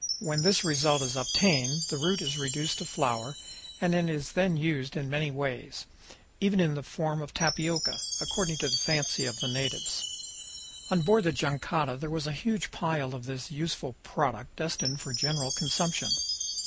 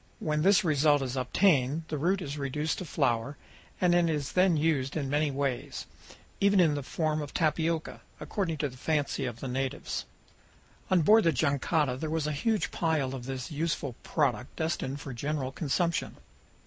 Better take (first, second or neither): second